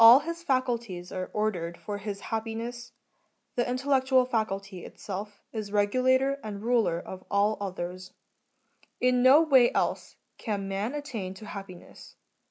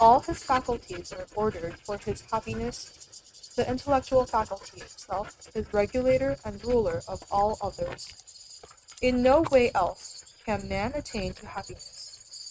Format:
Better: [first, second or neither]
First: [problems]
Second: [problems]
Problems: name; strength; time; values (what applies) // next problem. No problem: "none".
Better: first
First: none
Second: noise reduction (neural mask model RNNoise)